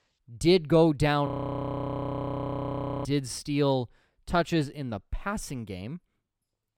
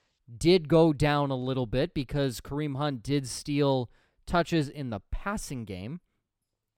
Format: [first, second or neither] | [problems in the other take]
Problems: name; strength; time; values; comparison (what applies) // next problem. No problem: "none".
second | audio freezing; at 1.5 s for 2 s